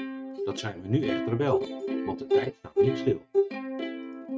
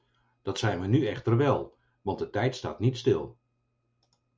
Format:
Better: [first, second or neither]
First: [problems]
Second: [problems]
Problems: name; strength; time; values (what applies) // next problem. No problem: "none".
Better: second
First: noise reduction (neural mask model RNNoise)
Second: none